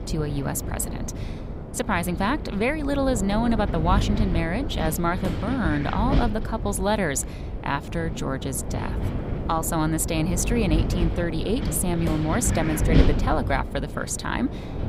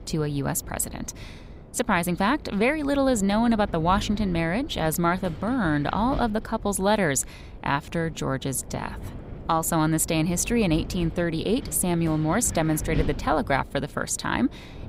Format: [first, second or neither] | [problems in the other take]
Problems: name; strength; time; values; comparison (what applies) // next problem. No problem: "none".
second | wind noise on the microphone; heavy; 8 dB below the speech; occasional gusts in the second